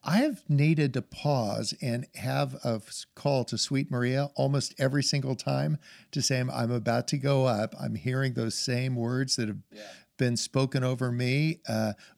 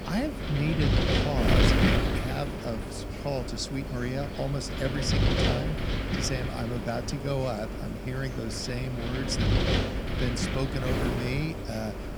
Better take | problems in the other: first | wind noise on the microphone; heavy; 2 dB above the speech

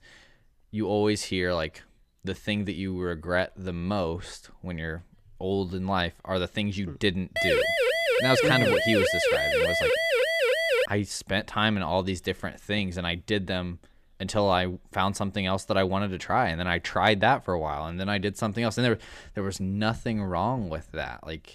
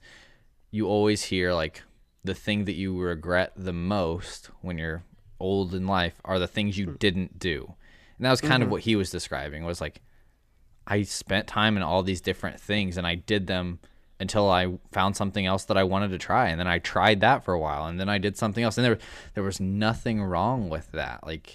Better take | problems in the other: second | siren; loud; from 7.5 to 11 s; peak 5 dB above the speech

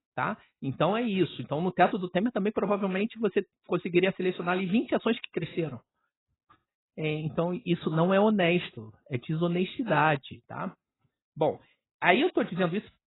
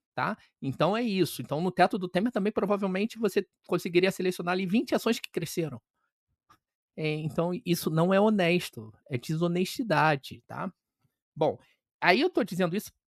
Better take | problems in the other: second | garbled, watery; badly; nothing above 4 kHz

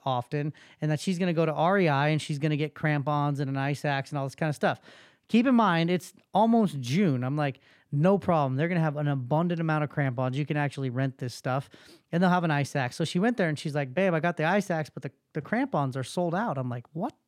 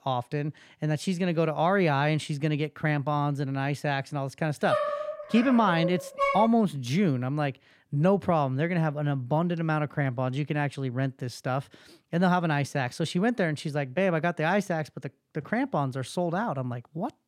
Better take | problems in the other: first | dog barking; loud; from 4.5 to 6.5 s; peak level with the speech

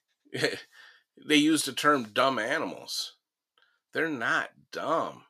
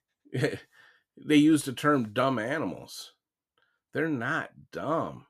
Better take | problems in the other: second | thin; very slightly; fading below 1 kHz

